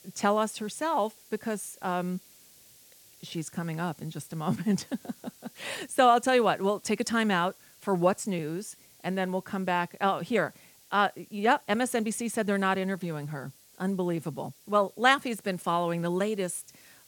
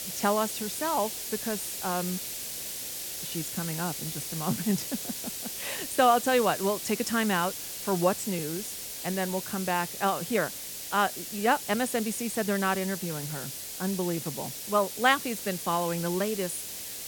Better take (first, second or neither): first